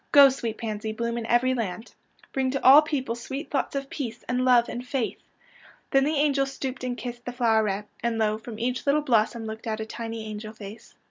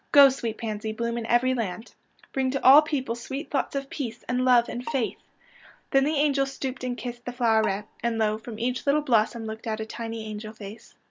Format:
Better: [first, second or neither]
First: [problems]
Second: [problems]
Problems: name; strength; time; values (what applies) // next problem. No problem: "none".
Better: first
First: none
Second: background sound (Bowed string instrument); 18 dB below the speech